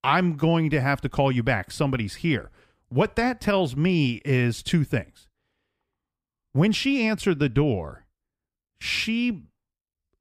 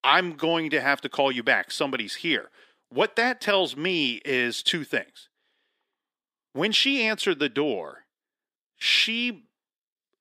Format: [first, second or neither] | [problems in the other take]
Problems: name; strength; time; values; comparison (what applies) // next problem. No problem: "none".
first | thin; somewhat; fading below 300 Hz